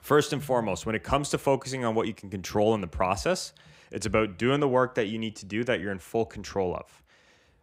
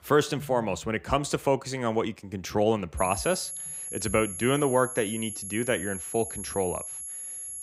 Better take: first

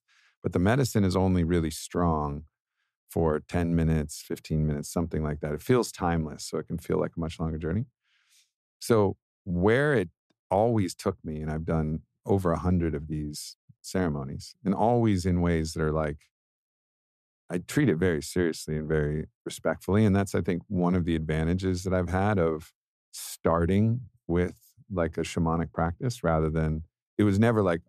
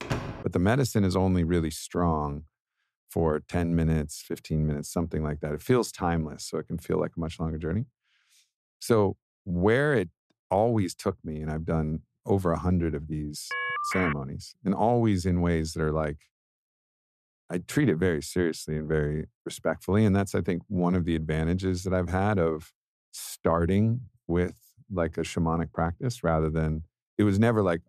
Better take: first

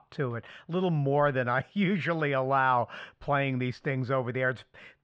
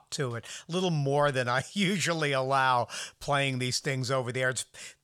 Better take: second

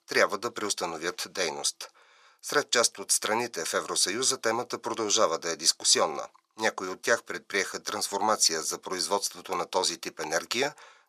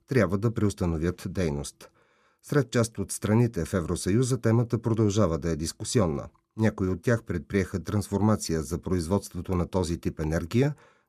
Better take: second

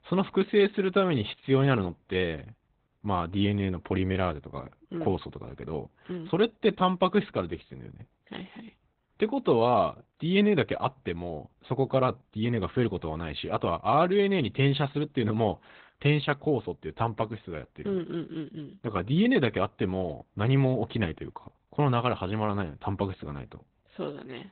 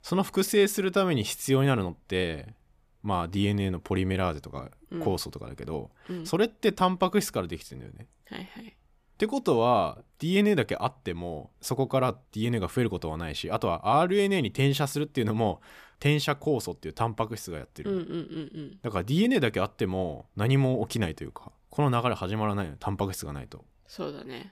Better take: second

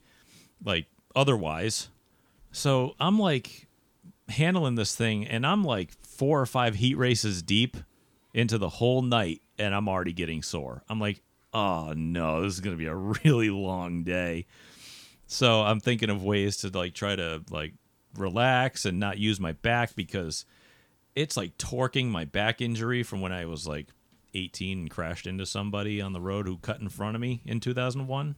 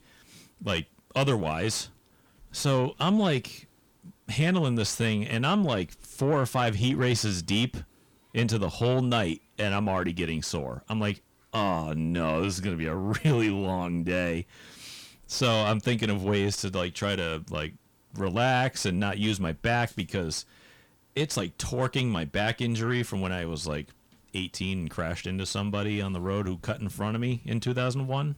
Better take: first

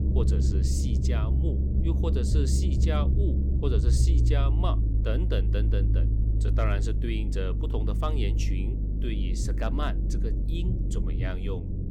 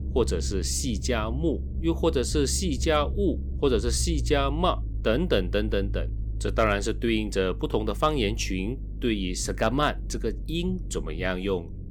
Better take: second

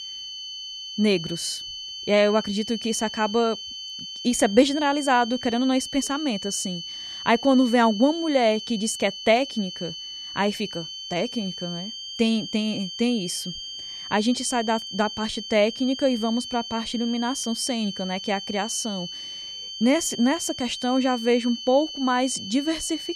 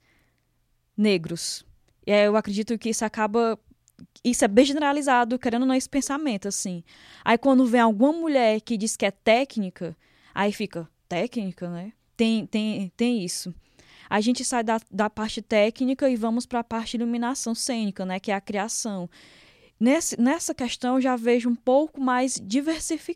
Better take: second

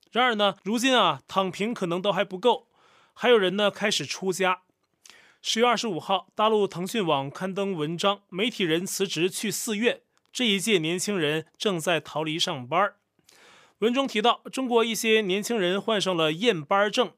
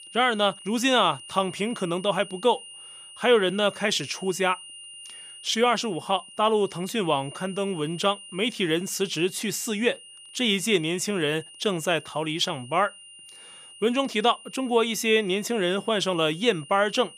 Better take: first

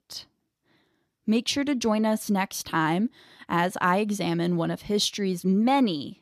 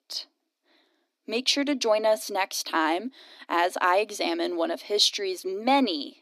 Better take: first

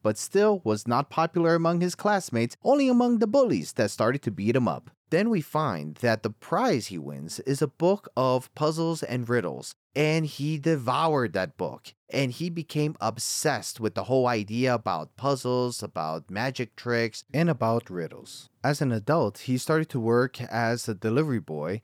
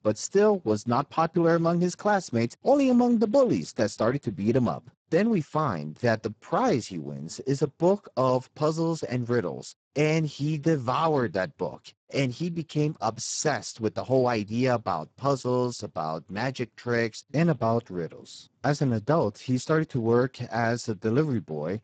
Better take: first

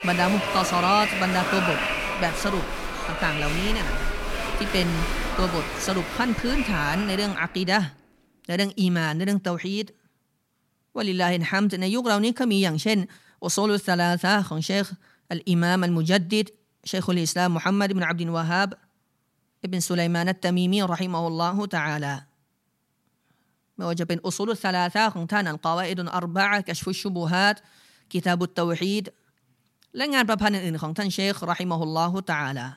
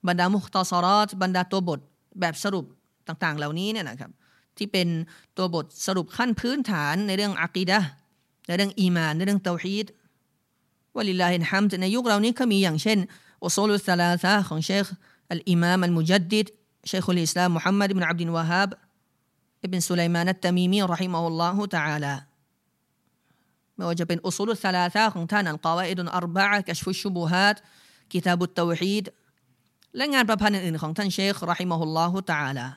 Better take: second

